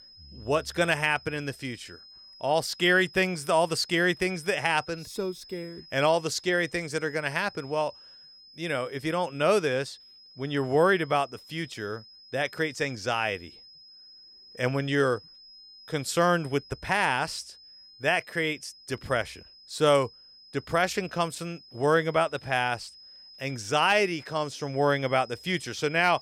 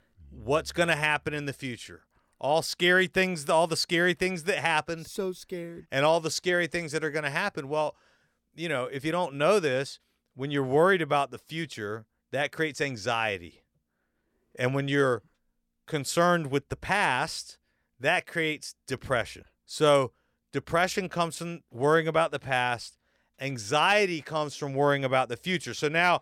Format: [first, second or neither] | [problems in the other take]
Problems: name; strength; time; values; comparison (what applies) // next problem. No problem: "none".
second | high-pitched whine; faint; throughout; 5 kHz, 20 dB below the speech